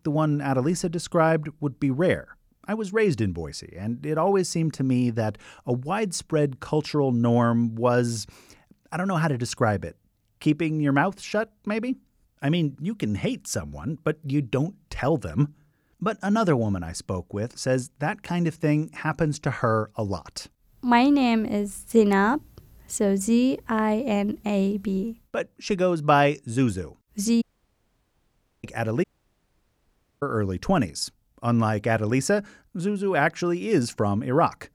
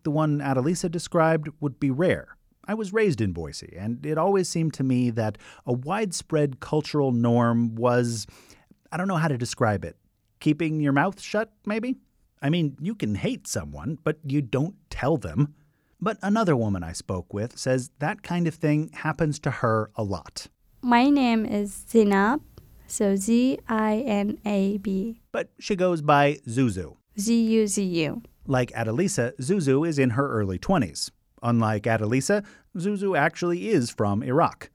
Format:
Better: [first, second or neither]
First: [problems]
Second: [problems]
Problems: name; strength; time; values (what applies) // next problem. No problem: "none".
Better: second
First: audio cutting out; at 27 s for 1 s and at 29 s for 1 s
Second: none